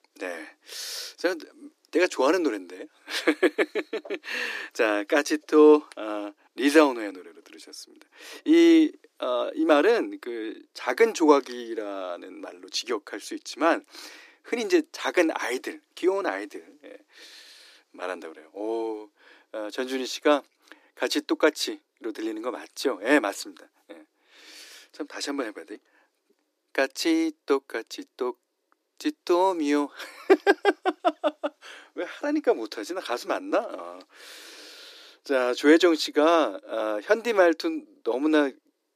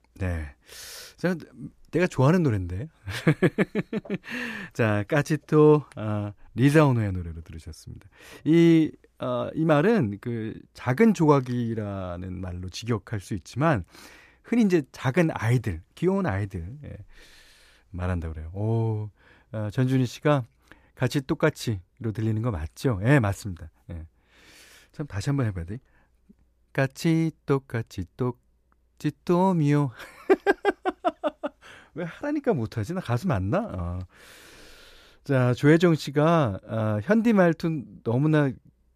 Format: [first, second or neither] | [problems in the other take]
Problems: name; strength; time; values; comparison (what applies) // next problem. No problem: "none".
second | thin; somewhat; fading below 300 Hz